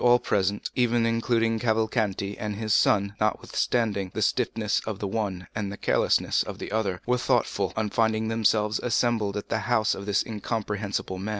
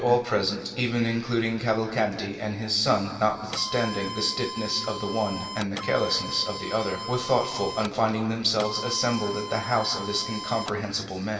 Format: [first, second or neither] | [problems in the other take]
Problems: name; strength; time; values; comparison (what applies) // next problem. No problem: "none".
first | background sound (Printer); 9 dB below the speech // room echo; dies away in 2.5 s